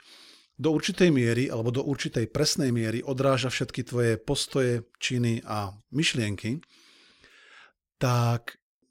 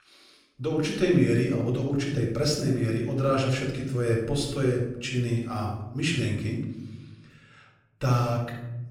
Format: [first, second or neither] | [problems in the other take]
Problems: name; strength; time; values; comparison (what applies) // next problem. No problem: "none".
first | room echo; noticeable; dies away in 1 s // off-mic speech; far